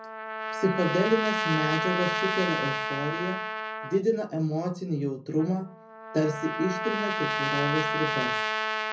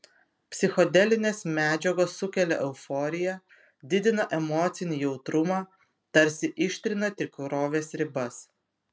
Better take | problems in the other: second | background sound (Trumpet); 2 dB below the speech // room echo; dies away in 0.4 s

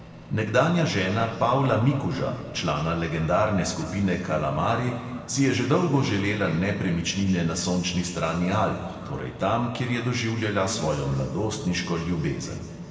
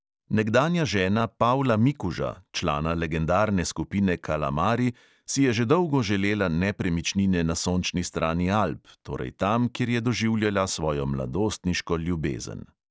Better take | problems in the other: second | background sound (Microwave oven); 19 dB below the speech // room echo; dies away in 2.1 s

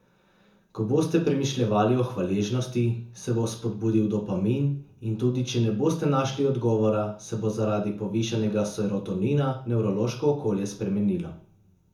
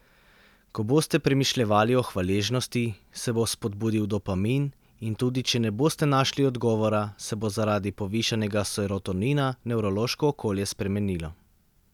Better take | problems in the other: second | room echo; dies away in 0.6 s

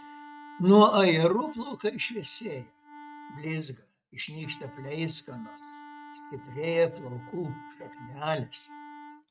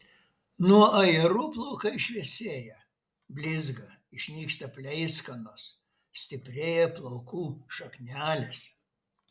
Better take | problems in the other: second | noise reduction (neural mask model RNNoise)

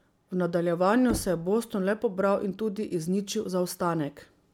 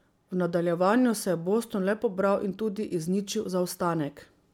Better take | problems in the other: second | background sound (Knock); 15 dB below the speech

